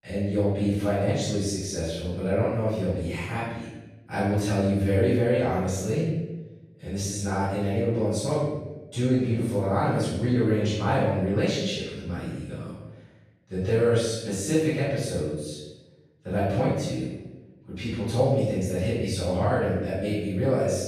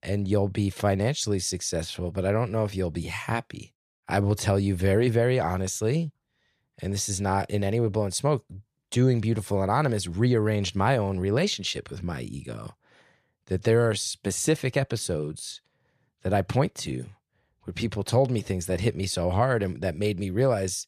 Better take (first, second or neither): second